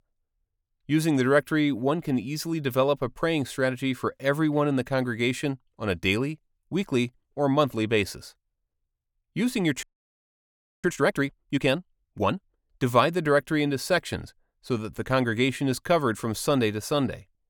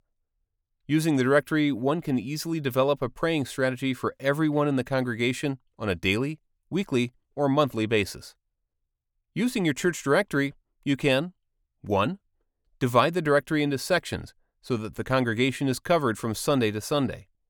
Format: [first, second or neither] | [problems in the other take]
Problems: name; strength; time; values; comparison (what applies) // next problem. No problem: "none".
second | audio freezing; at 10 s for 1 s